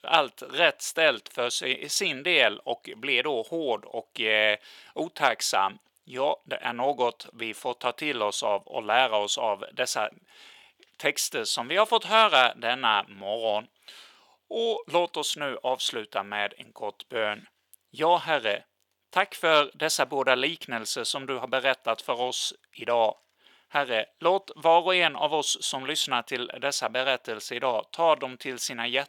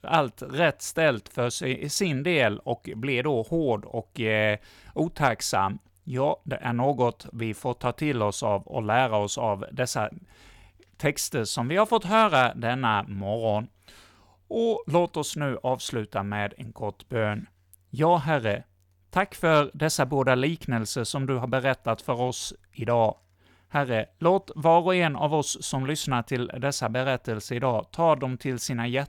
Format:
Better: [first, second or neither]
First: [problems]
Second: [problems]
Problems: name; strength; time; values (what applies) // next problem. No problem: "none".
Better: second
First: thin; somewhat; fading below 450 Hz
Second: none